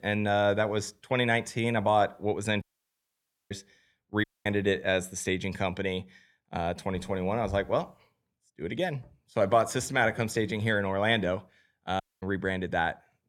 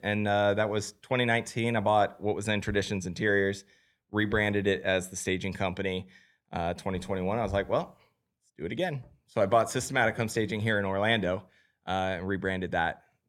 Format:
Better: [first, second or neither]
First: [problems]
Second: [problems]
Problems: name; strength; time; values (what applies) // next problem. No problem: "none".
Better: second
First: audio cutting out; at 2.5 s for 1 s, at 4 s and at 12 s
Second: none